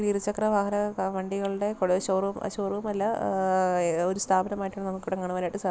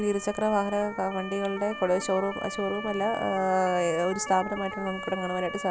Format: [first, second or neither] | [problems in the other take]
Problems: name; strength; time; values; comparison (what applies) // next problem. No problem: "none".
first | background sound (Motor vehicle (road) / Siren); 10 dB below the speech